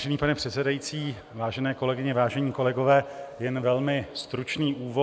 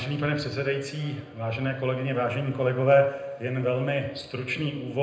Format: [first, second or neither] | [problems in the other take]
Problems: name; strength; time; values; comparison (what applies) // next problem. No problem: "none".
first | room echo; dies away in 0.8 s